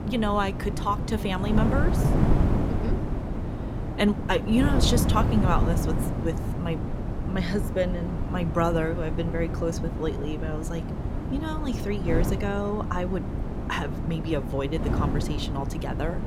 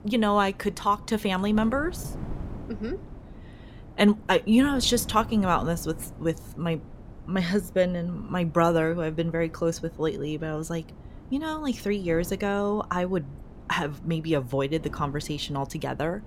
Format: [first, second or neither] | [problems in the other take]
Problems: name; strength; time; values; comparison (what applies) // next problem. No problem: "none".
second | wind noise on the microphone; heavy; 5 dB below the speech; occasional gusts in the second